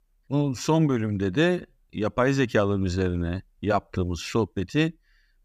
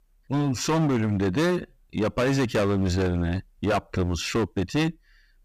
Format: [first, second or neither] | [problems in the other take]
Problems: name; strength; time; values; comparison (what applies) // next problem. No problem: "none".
first | distortion; heavy; 17% of the sound clipped